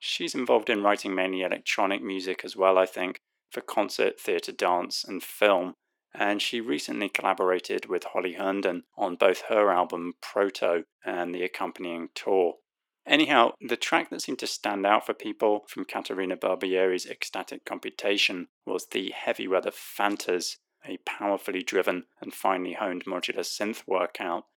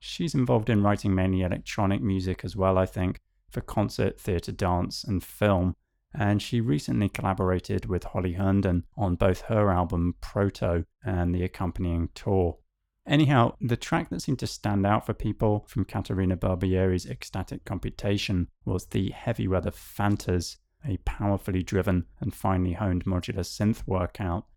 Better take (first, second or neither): second